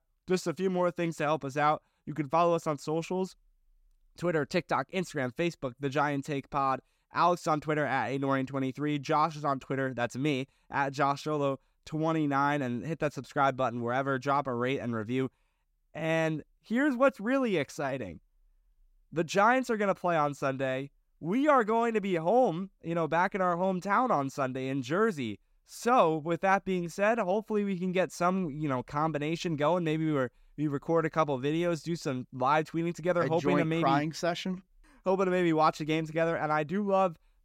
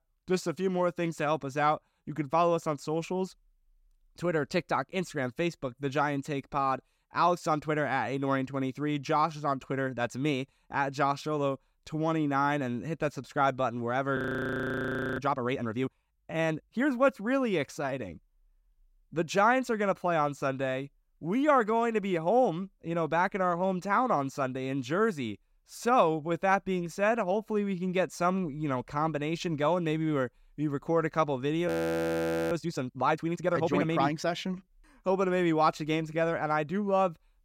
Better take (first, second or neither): first